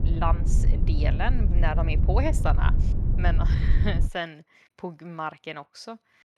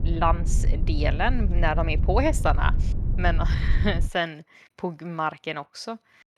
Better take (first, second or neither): second